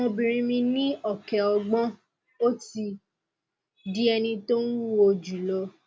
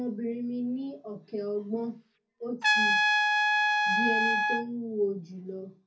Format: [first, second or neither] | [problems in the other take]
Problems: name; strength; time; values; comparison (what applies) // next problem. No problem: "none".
first | background sound (Trumpet); 5 dB above the speech // room echo; dies away in 0.3 s